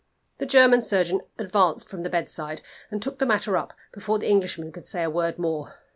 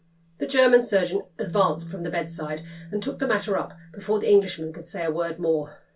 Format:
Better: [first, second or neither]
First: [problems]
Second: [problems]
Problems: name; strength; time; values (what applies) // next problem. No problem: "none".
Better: first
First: none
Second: background sound (Bass guitar); 17 dB below the speech // room echo; dies away in 0.2 s